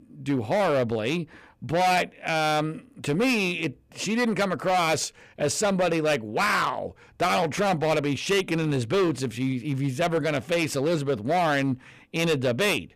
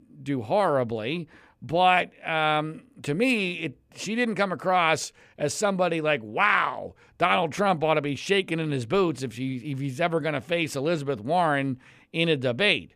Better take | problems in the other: second | distortion; heavy; 12% of the sound clipped

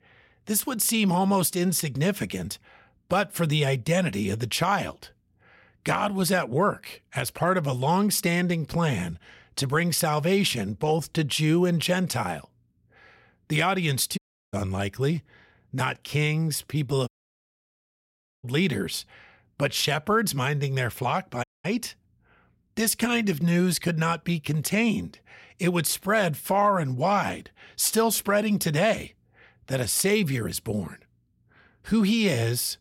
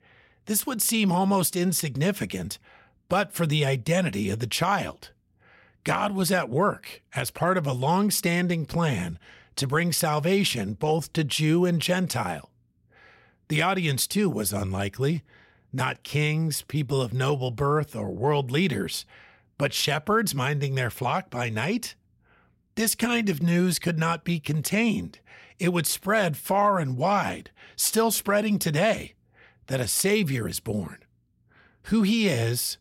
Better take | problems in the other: second | audio cutting out; at 14 s, at 17 s for 1.5 s and at 21 s

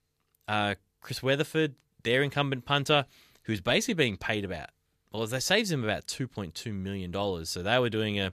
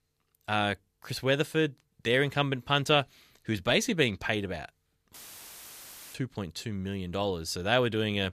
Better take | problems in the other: first | audio cutting out; filled with static; at 5 s for 1 s

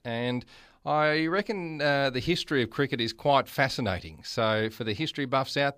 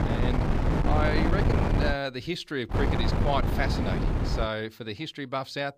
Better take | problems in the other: first | wind noise on the microphone; heavy; until 2 s and from 2.5 to 4.5 s; 1 dB below the speech

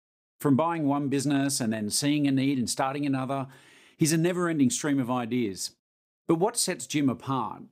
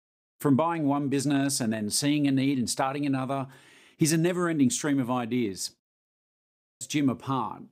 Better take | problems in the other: first | audio freezing; at 6 s for 0.5 s

